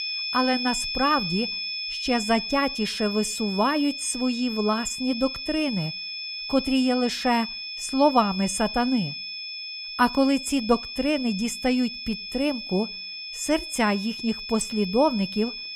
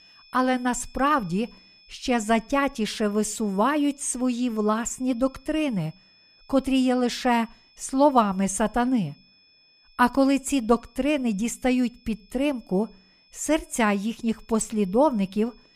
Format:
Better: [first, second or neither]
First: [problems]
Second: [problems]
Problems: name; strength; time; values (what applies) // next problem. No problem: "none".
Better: second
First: high-pitched whine; loud; throughout; 5 kHz, 6 dB below the speech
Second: high-pitched whine; faint; throughout; 5 kHz, 30 dB below the speech